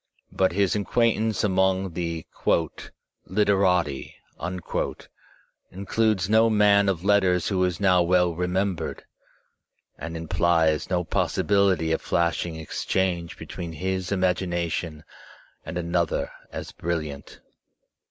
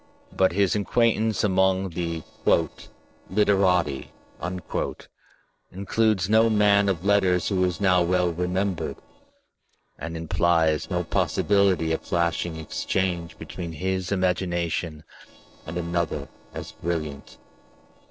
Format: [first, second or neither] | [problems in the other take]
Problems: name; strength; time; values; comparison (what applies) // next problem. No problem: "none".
first | noise reduction (neural separator model SepFormer DNS4)